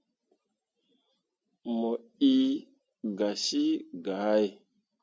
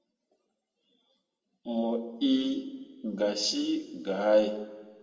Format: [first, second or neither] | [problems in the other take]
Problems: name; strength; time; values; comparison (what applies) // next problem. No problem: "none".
first | room echo; dies away in 1.2 s